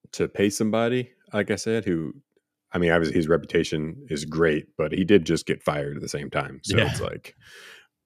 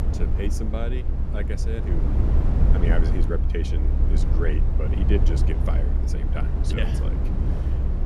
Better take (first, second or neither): first